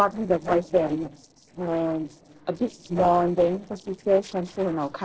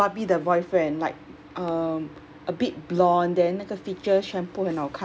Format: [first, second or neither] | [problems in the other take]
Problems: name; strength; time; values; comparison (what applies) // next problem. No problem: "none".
second | noise reduction (neural separator model SepFormer DNS4)